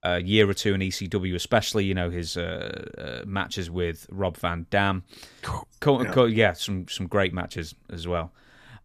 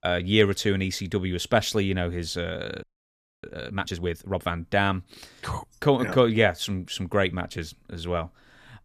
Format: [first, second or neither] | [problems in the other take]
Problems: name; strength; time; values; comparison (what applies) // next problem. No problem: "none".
first | audio freezing; at 3 s for 0.5 s